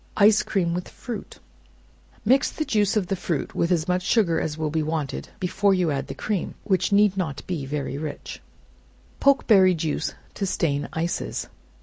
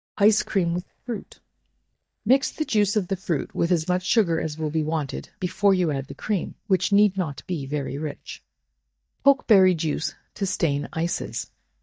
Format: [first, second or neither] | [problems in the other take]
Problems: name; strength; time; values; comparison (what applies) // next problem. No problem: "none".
first | noise reduction (neural mask model DeepFilterNet 3)